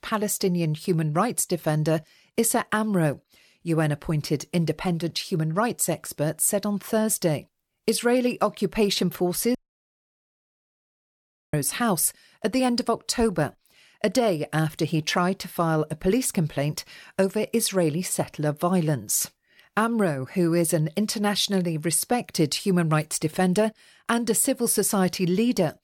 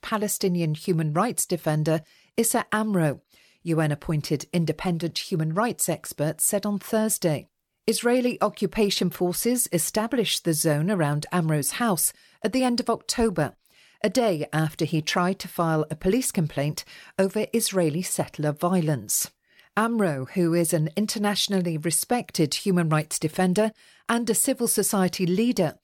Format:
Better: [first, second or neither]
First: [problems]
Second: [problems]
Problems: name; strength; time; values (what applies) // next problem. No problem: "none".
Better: second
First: audio cutting out; at 9.5 s for 2 s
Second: none